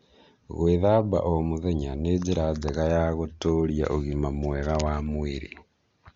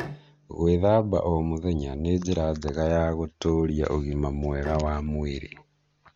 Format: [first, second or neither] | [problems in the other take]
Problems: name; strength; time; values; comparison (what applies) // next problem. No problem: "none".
first | noise reduction (neural mask model RNNoise)